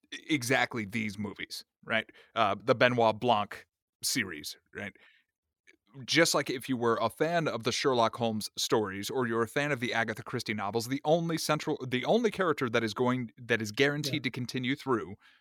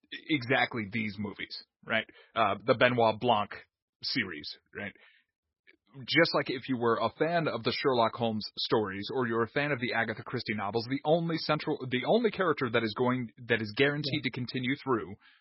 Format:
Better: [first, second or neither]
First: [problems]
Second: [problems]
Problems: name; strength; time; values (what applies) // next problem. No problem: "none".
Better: first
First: none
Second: garbled, watery; badly; nothing above 5.5 kHz